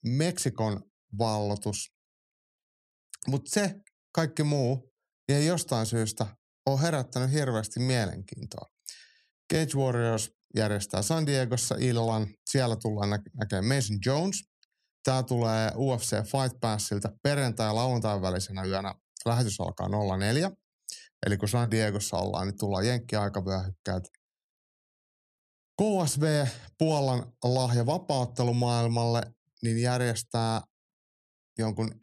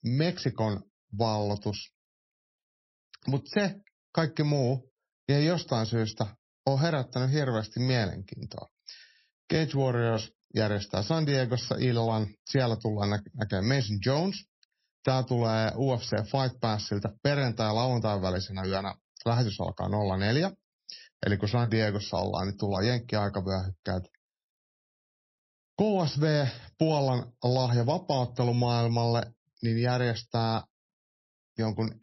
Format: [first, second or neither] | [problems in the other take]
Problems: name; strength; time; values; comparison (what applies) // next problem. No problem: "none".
first | garbled, watery; slightly; nothing above 5.5 kHz